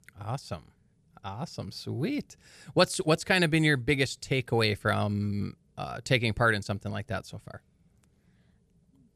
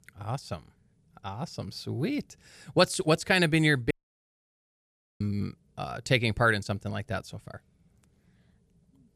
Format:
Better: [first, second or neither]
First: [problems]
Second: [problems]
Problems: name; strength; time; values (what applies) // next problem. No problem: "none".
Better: first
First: none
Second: audio cutting out; at 4 s for 1.5 s